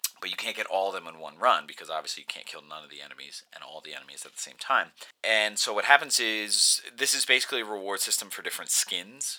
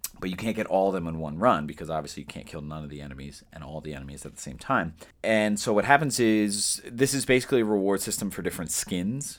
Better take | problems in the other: second | thin; very; fading below 850 Hz

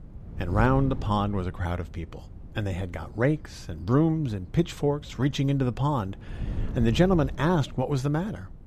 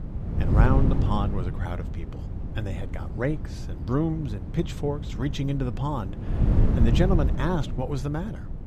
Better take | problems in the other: first | wind noise on the microphone; heavy; 7 dB below the speech; occasional gusts in the first

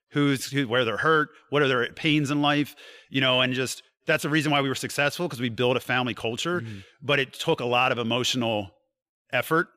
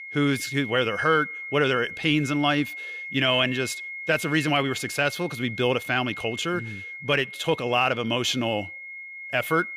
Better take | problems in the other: first | high-pitched whine; noticeable; throughout; 2 kHz, 10 dB below the speech

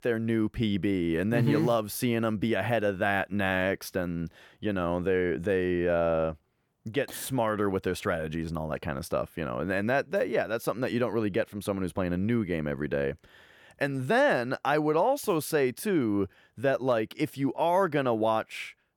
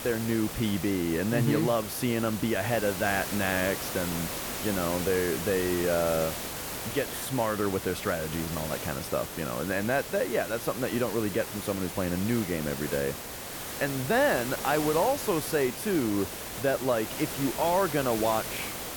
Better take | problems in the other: first | hiss; loud; throughout; 6 dB below the speech

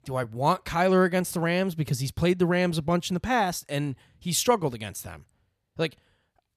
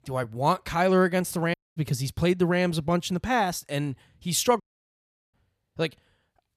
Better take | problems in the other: first | audio cutting out; at 1.5 s and at 4.5 s for 0.5 s

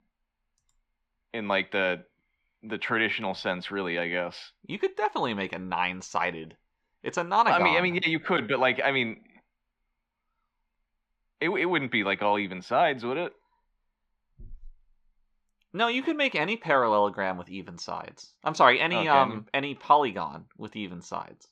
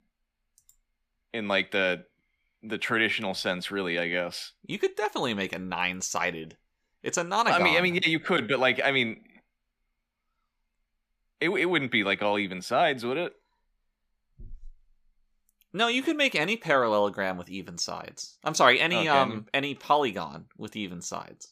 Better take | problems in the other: second | muffled; slightly; fading above 3.5 kHz

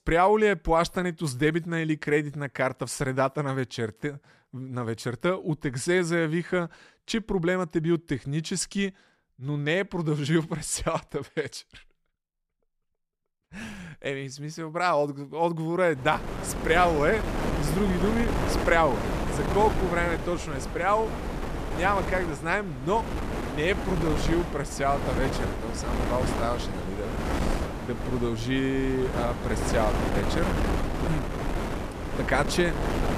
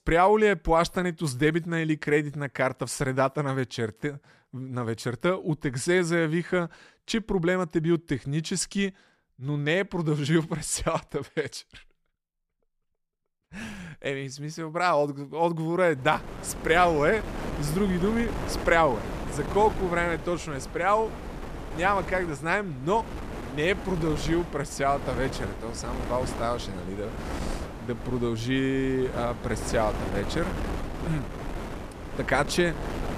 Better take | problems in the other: second | wind noise on the microphone; heavy; from 16 s on; 6 dB below the speech; occasional gusts in the second

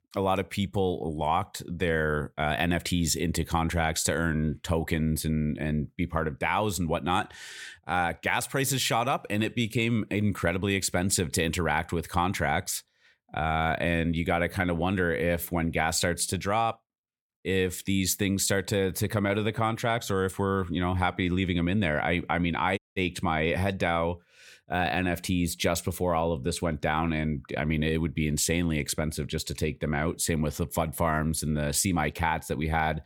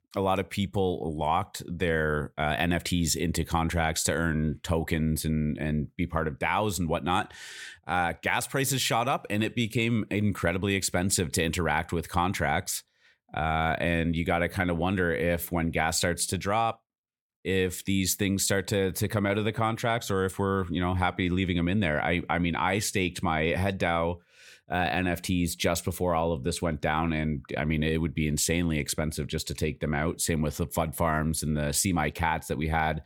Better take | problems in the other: second | audio cutting out; at 23 s

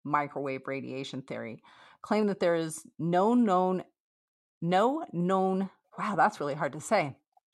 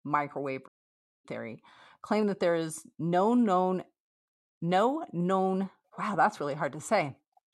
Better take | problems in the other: first | audio cutting out; at 0.5 s for 0.5 s

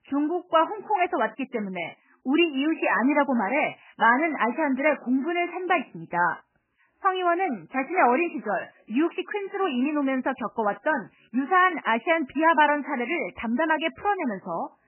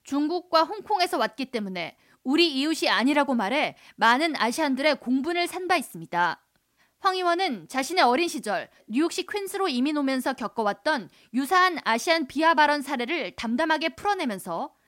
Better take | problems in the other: second | garbled, watery; badly; nothing above 3 kHz

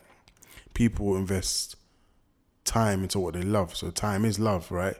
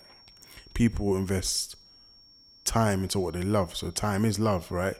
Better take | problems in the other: first | high-pitched whine; faint; throughout; 5.5 kHz, 25 dB below the speech

